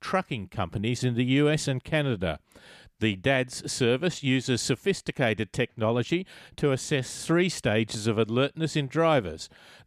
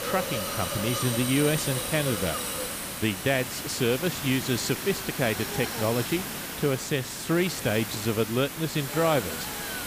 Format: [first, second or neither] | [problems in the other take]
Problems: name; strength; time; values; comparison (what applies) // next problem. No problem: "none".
first | hiss; loud; throughout; 4 dB below the speech